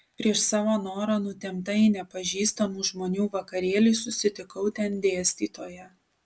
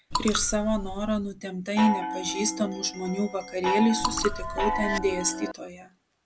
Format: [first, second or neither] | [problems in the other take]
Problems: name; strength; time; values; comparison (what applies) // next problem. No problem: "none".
first | background sound (Chime + Raindrop / Drip); 3 dB below the speech